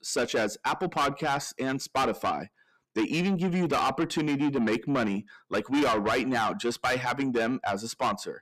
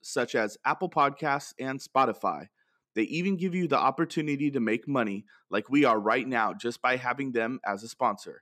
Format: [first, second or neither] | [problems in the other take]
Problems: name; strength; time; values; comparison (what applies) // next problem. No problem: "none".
second | distortion; heavy; 6 dB below the speech